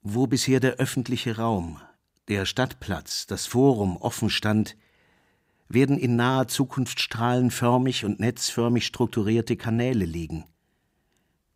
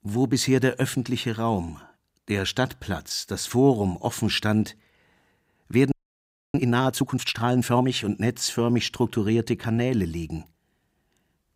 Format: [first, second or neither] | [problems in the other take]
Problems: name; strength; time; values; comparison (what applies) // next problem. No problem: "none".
first | audio freezing; at 6 s for 0.5 s